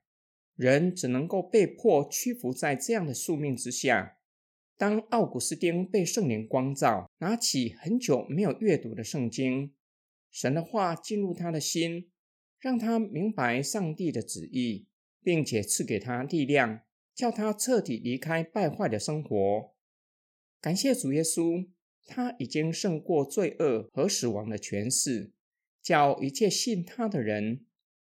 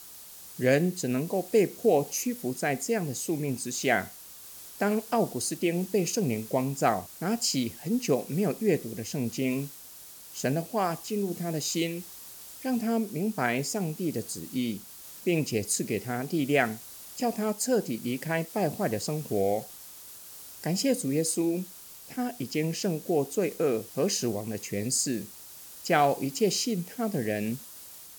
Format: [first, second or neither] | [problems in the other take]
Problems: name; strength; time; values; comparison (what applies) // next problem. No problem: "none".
first | hiss; noticeable; throughout; 15 dB below the speech